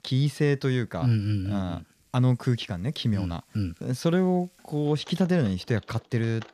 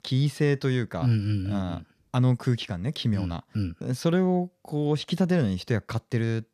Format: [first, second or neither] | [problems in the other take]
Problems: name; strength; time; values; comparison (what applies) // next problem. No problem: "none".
second | household noises; faint; throughout; 25 dB below the speech